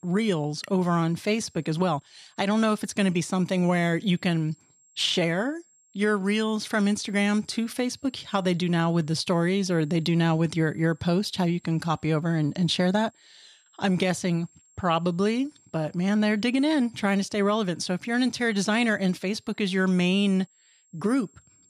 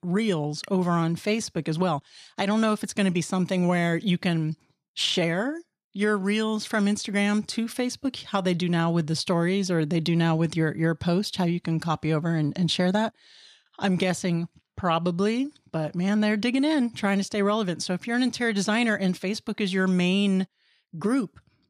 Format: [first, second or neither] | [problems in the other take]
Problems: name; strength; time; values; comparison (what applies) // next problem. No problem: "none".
second | high-pitched whine; faint; throughout; 7.5 kHz, 35 dB below the speech